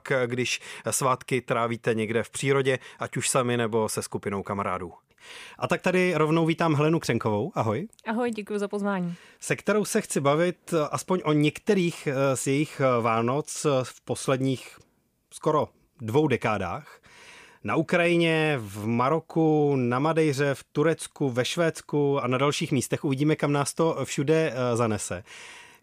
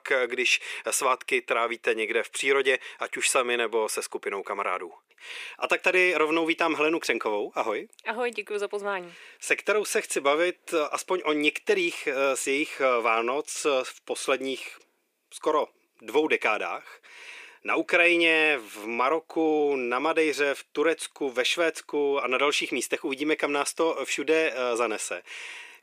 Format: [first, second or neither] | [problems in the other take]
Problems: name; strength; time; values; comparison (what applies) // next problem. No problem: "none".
first | thin; somewhat; fading below 350 Hz